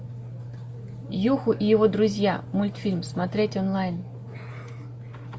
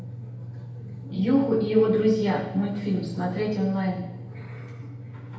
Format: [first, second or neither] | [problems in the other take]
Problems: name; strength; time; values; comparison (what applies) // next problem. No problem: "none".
first | room echo; dies away in 0.8 s